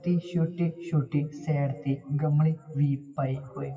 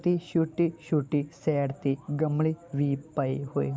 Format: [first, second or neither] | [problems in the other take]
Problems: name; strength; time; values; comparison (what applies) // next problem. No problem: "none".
second | noise reduction (classical method WPE with log-MMSE)